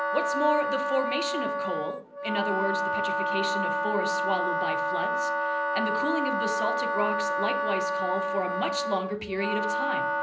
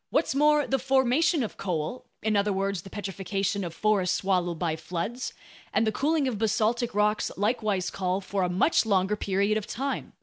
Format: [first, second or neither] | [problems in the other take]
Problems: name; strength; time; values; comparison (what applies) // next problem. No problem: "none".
second | background sound (Wind instrument, woodwind instrument); 4 dB above the speech // room echo; dies away in 0.5 s